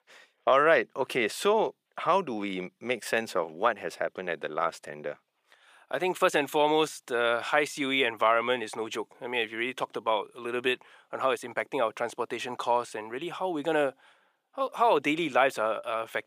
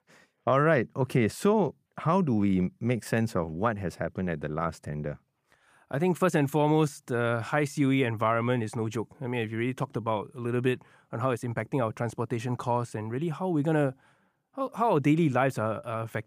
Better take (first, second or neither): second